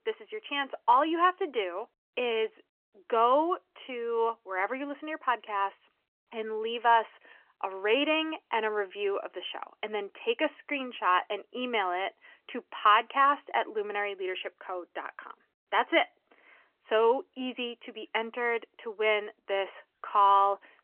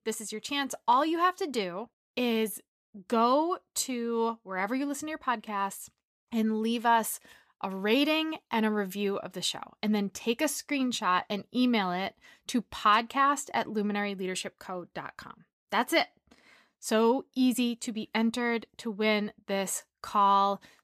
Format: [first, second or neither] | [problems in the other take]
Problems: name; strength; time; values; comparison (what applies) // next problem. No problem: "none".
second | phone-call audio; nothing above 3 kHz